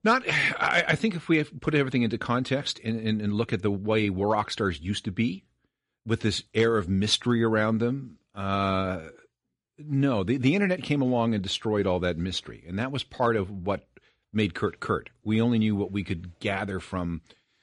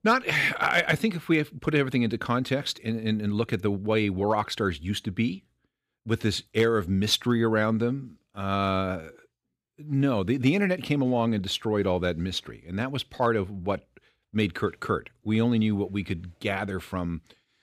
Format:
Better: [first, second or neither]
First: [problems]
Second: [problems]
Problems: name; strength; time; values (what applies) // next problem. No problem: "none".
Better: second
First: garbled, watery; slightly; nothing above 10.5 kHz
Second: none